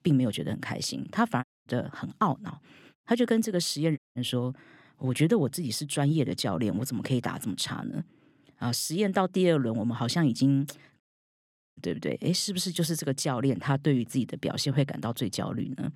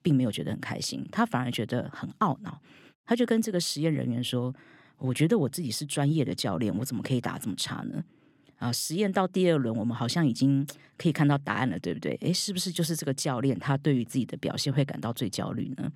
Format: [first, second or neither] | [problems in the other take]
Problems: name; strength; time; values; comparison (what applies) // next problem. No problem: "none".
second | audio cutting out; at 1.5 s, at 4 s and at 11 s for 1 s